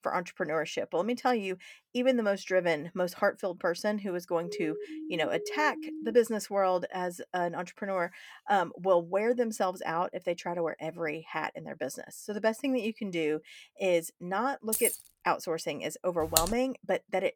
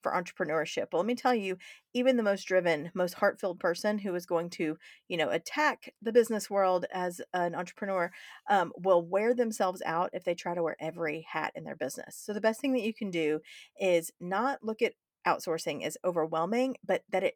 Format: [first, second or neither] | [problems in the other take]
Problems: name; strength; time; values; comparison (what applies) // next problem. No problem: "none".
second | siren; noticeable; from 4.5 to 6 s; peak 8 dB below the speech // jangling keys; loud; at 15 s; peak 2 dB above the speech // keyboard typing; loud; at 16 s; peak 3 dB above the speech